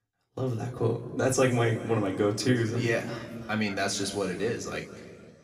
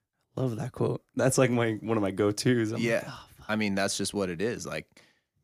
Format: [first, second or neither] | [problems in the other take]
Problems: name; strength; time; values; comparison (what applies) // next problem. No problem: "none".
second | room echo; slight; dies away in 2 s // off-mic speech; somewhat distant